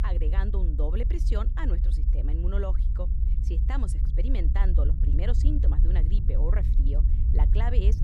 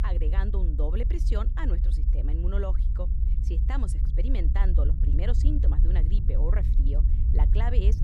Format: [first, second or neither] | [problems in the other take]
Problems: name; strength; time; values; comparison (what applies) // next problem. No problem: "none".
neither | low rumble; loud; throughout; 6 dB below the speech; the same in both